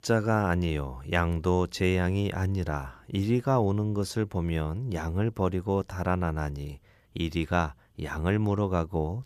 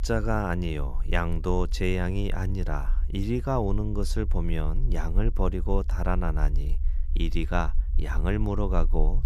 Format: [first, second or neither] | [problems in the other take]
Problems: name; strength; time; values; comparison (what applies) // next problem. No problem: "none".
first | low rumble; faint; throughout; 20 dB below the speech